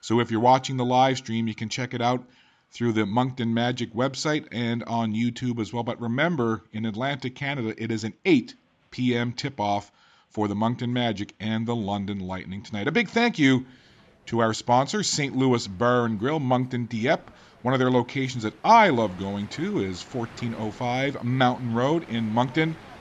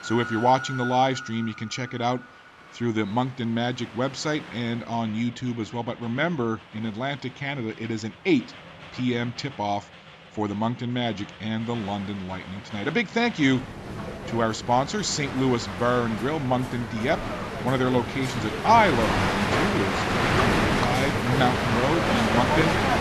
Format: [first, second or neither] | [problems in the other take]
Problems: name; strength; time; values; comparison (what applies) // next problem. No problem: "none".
first | train or aircraft noise; loud; throughout; 1 dB below the speech; faint in the first